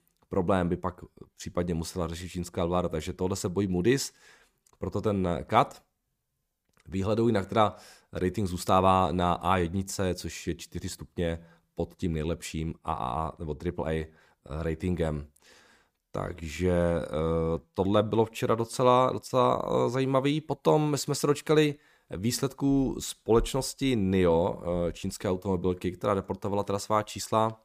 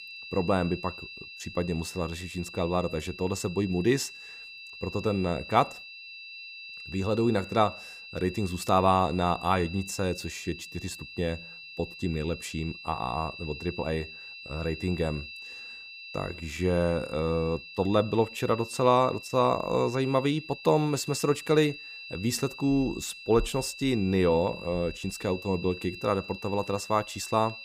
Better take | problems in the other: first | high-pitched whine; noticeable; throughout; 2.5 kHz, 15 dB below the speech

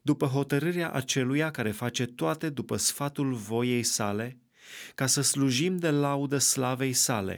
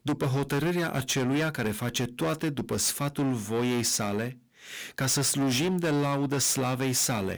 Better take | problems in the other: first | distortion; heavy; 20% of the sound clipped

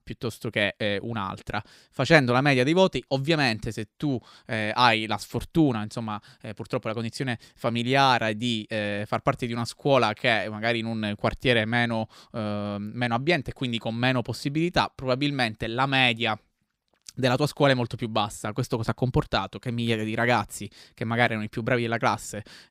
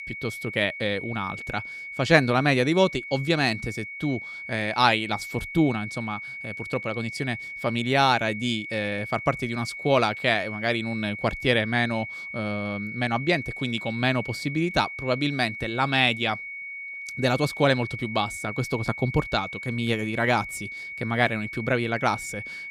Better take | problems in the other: first | high-pitched whine; loud; throughout; 2 kHz, 9 dB below the speech

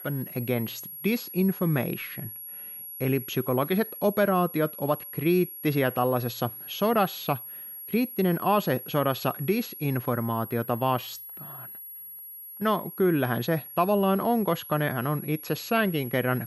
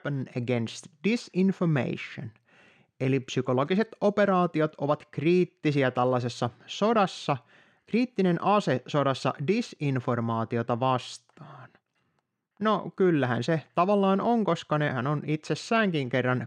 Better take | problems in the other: second | high-pitched whine; noticeable; throughout; 11.5 kHz, 10 dB below the speech

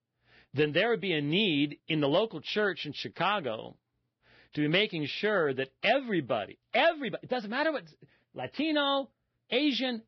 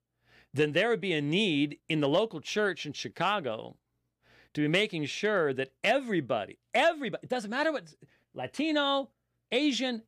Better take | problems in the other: second | garbled, watery; badly; nothing above 5.5 kHz

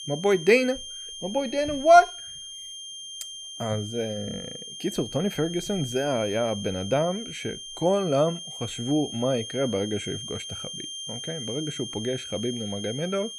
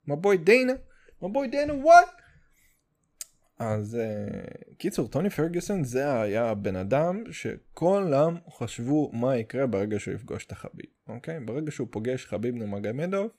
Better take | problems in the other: second | high-pitched whine; loud; throughout; 3 kHz, 9 dB below the speech

